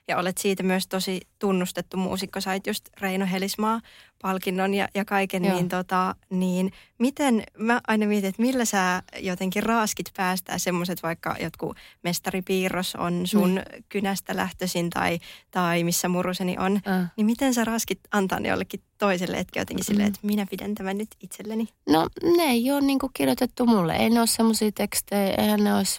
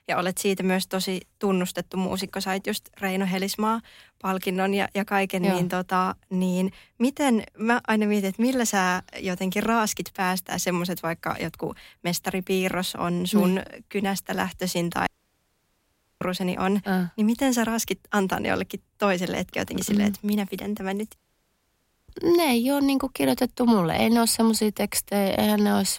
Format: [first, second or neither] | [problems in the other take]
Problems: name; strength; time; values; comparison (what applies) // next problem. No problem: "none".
first | audio cutting out; at 15 s for 1 s and at 21 s for 1 s